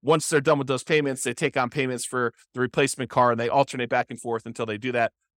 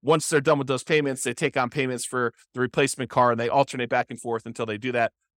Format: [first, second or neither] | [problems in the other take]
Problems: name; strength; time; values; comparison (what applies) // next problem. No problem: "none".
neither | none